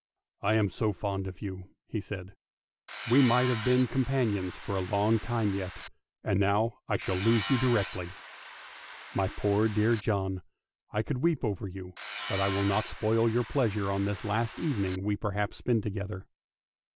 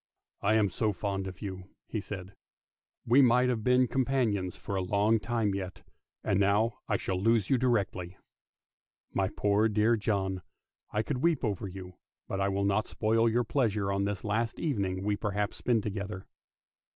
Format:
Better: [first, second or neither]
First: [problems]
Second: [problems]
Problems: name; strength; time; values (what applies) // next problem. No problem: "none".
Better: second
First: background sound (Tools); 11 dB below the speech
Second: none